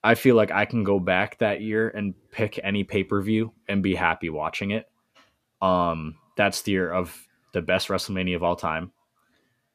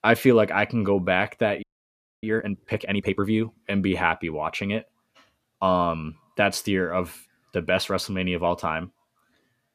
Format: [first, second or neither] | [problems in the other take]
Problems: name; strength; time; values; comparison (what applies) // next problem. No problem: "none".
first | audio freezing; at 1.5 s for 0.5 s